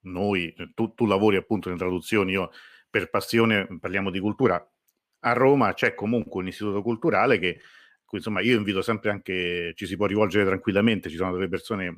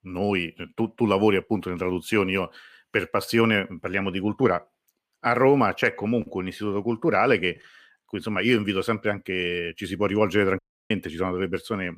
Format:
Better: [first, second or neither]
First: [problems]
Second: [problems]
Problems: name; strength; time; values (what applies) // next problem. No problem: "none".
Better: first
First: none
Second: audio cutting out; at 11 s